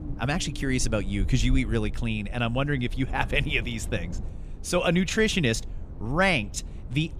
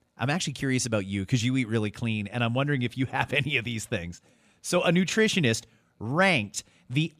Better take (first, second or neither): second